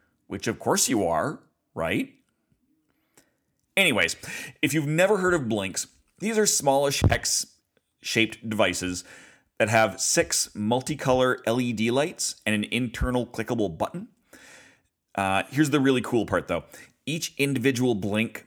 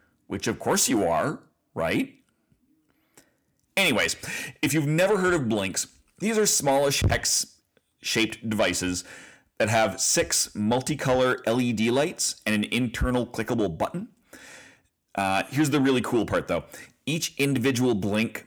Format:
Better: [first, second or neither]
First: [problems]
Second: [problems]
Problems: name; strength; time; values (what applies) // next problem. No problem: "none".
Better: first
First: none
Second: distortion; slight; 10 dB below the speech